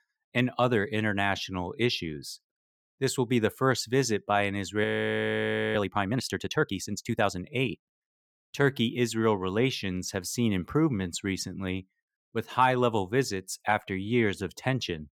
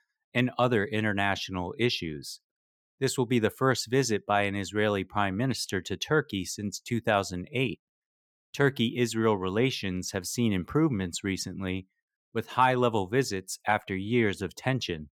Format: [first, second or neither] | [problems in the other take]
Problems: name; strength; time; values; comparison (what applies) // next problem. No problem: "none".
second | audio freezing; at 5 s for 1 s